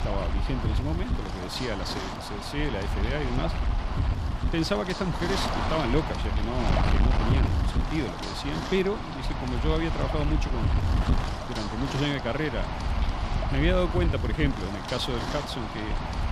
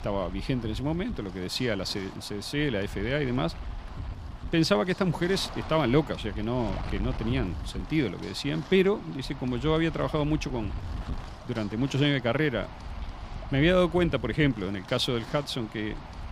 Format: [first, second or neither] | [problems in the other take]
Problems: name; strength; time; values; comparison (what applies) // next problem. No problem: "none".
second | wind noise on the microphone; heavy; 1 dB below the speech; occasional gusts in the second